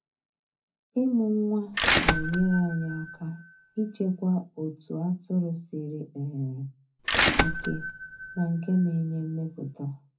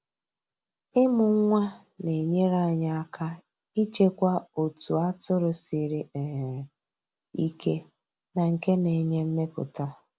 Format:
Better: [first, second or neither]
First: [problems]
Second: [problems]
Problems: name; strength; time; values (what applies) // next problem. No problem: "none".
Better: second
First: background sound (Bell / Mechanisms); 1 dB below the speech // room echo; dies away in 0.3 s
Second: none